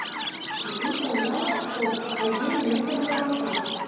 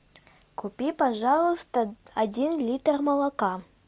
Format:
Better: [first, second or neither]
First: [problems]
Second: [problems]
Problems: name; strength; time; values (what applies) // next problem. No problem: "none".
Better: second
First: background sound (Chirp, tweet); 3 dB below the speech // room echo; dies away in 2.2 s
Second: none